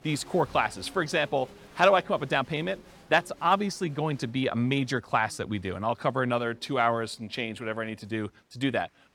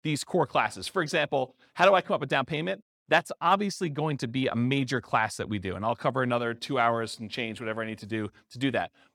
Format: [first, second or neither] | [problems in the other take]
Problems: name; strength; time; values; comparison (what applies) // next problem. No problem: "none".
second | crowd noise; faint; throughout; 25 dB below the speech